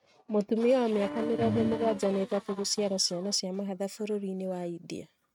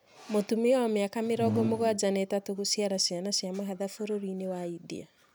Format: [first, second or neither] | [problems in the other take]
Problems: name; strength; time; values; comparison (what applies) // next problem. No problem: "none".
second | noise reduction (neural mask model RNNoise)